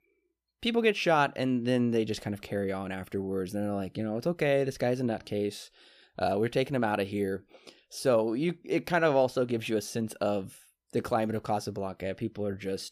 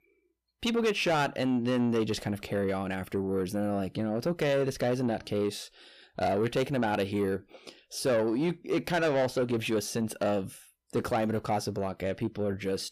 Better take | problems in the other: first | distortion; slight; 10 dB below the speech

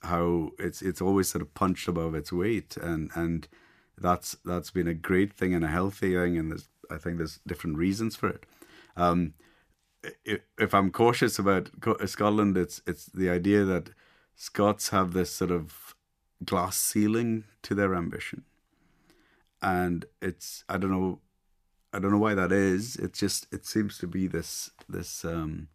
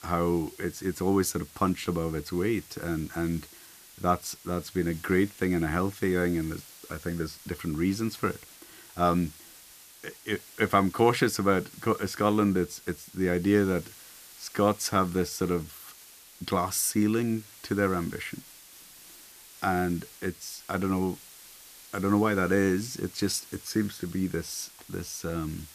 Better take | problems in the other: first | hiss; noticeable; throughout; 20 dB below the speech

